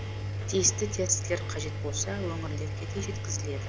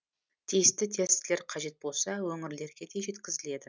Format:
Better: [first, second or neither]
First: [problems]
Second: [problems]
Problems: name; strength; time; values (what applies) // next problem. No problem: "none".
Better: second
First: background sound (Engine); 1 dB below the speech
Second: none